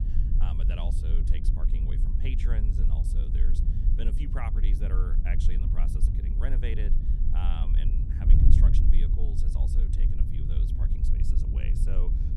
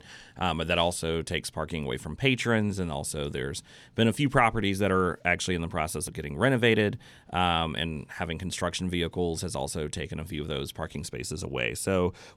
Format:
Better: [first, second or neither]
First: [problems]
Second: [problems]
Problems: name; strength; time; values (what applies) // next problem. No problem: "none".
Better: second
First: wind noise on the microphone; heavy; as loud as the speech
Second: none